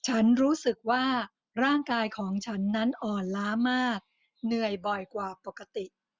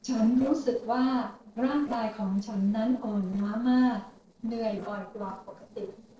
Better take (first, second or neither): first